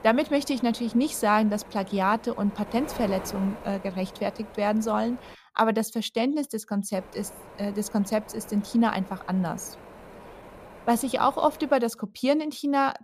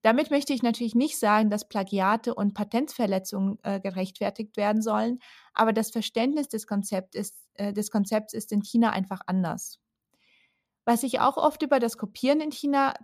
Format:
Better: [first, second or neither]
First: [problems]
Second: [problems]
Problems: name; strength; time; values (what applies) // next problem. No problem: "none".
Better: second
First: wind noise on the microphone; occasional gusts; until 5.5 s and from 7 to 12 s; 15 dB below the speech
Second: none